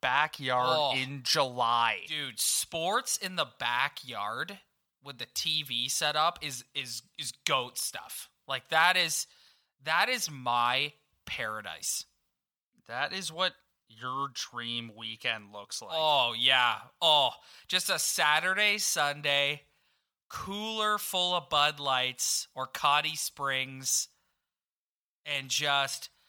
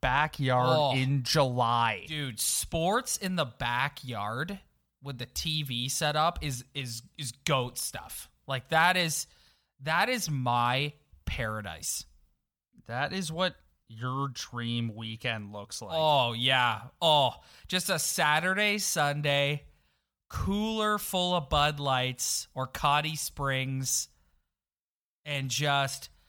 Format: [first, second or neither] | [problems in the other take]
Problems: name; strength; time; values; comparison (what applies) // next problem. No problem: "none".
second | thin; somewhat; fading below 600 Hz